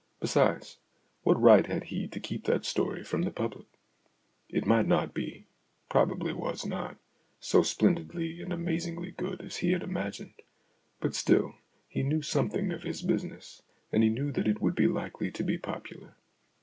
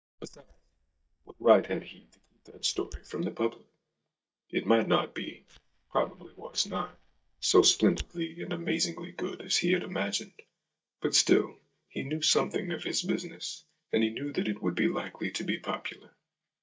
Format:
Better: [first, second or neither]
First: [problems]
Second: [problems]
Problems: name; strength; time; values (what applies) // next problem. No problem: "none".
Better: first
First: none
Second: noise reduction (neural mask model DeepFilterNet 3)